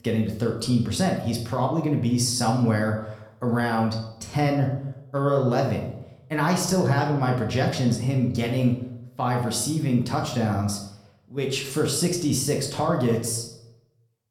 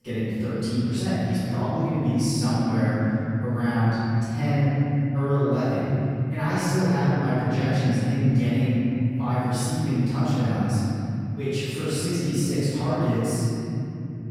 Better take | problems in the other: first | room echo; strong; dies away in 3 s; slight in the first // off-mic speech; far; somewhat distant in the first

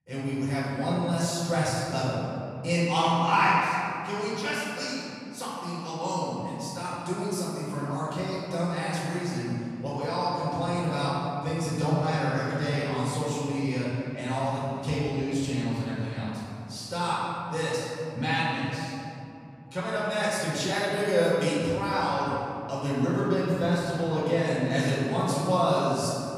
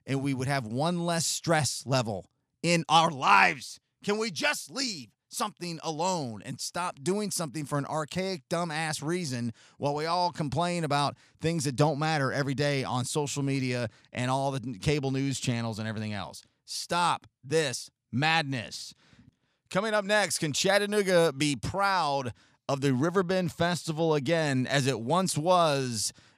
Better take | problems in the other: second | off-mic speech; far // room echo; strong; dies away in 2.5 s

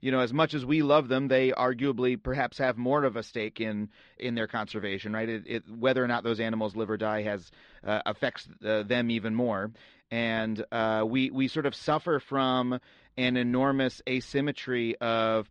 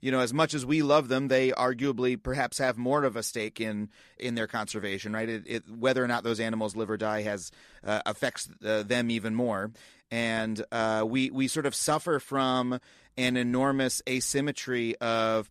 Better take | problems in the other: second | muffled; slightly; fading above 3.5 kHz

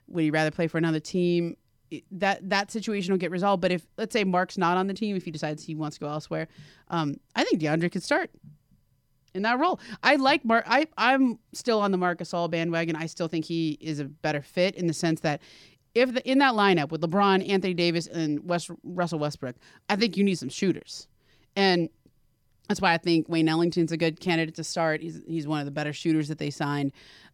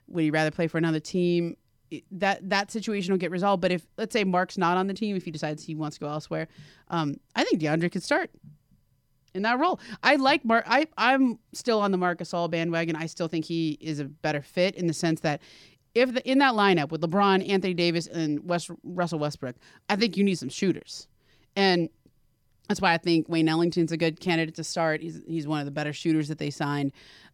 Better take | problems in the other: neither | none

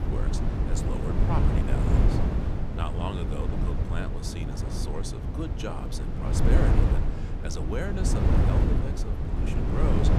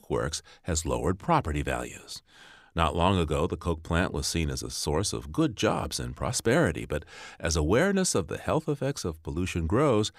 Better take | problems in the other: second | wind noise on the microphone; heavy; 2 dB above the speech

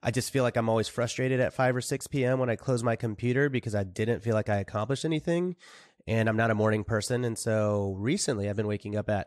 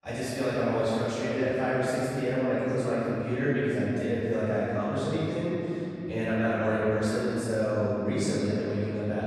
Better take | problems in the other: first | room echo; strong; dies away in 3 s // off-mic speech; far

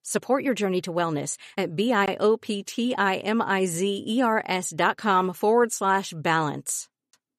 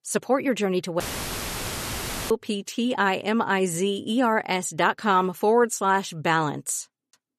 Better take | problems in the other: first | audio cutting out; filled with static; at 1 s for 1.5 s

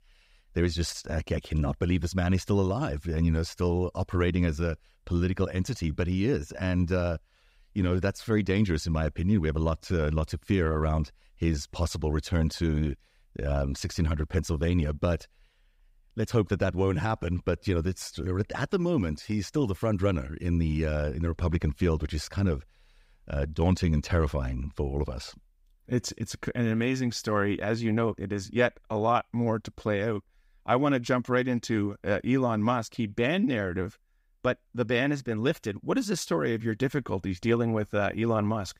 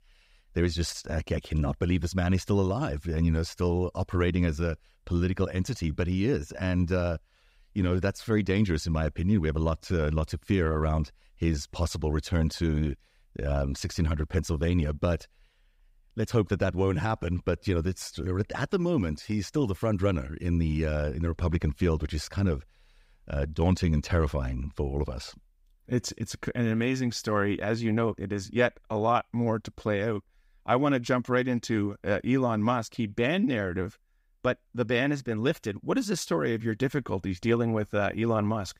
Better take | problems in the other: neither | none

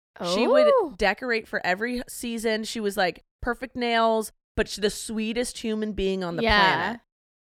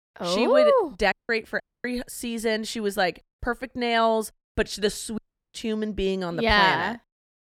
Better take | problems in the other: first | audio cutting out; at 1 s, at 1.5 s and at 5 s

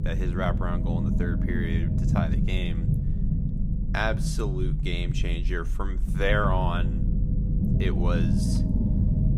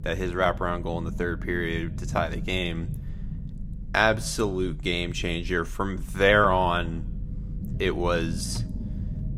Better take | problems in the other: second | low rumble; loud; throughout; 6 dB below the speech; faint in the second

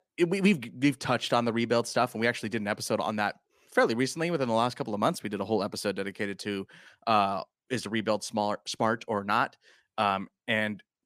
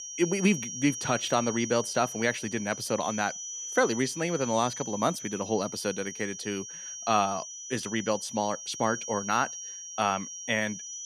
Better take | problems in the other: first | high-pitched whine; loud; throughout; 6 kHz, 7 dB below the speech

